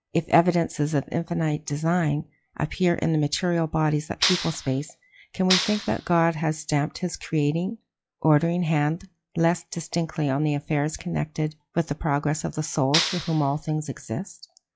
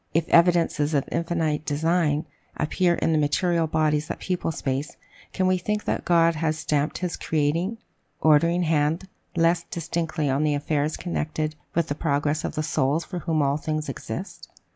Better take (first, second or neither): second